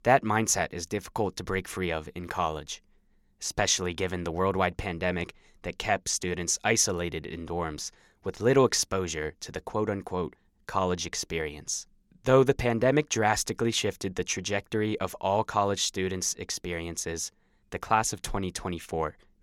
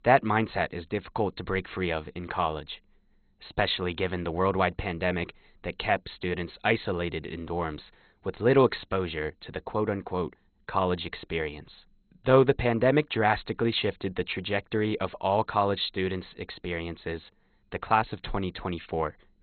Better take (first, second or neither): first